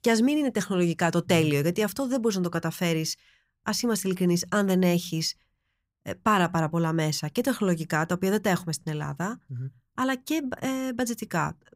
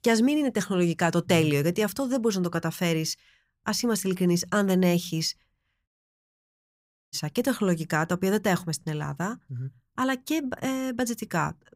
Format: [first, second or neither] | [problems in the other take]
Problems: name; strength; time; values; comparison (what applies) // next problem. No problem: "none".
first | audio cutting out; at 6 s for 1 s